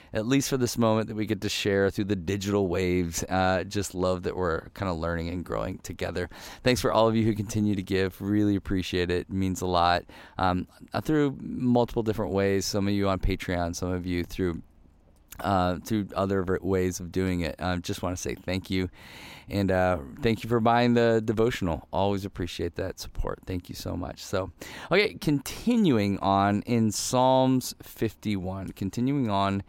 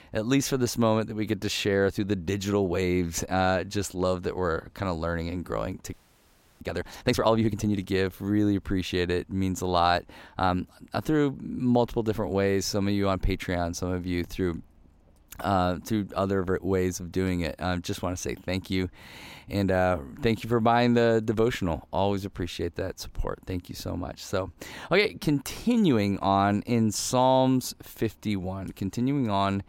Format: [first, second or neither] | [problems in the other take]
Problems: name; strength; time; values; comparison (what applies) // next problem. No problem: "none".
first | audio freezing; at 6 s for 0.5 s